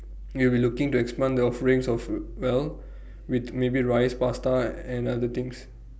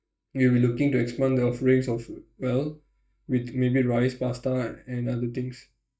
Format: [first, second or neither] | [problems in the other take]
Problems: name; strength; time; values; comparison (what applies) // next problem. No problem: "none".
first | noise reduction (neural mask model DeepFilterNet 3)